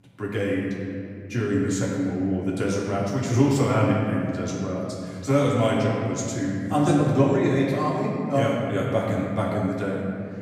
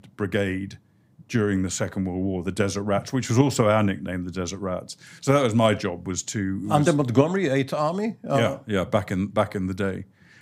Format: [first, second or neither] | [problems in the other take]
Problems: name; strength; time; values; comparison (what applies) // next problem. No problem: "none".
second | off-mic speech; far // room echo; noticeable; dies away in 2.5 s